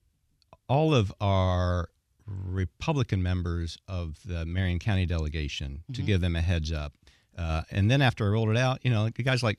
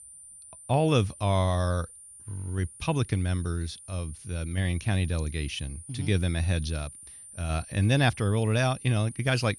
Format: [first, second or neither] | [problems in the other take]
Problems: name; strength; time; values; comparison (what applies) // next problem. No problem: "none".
first | high-pitched whine; noticeable; throughout; 9 kHz, 15 dB below the speech